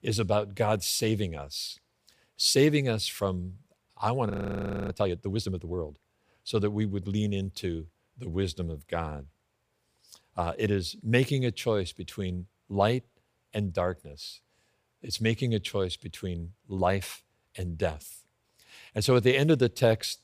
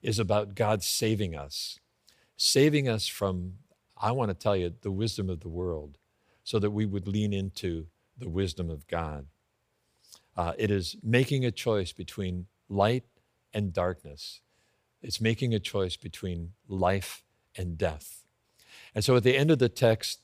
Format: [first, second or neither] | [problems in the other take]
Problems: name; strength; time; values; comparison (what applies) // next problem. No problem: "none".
second | audio freezing; at 4.5 s for 0.5 s